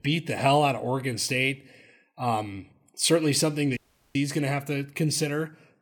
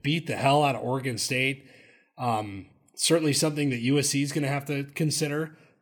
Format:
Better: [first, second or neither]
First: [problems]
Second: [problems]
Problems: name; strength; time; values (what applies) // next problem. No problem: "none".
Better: second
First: audio cutting out; at 4 s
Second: none